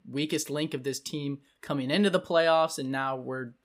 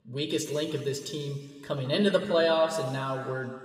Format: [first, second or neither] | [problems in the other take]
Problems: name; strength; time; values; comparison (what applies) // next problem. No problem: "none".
first | room echo; noticeable; dies away in 1.8 s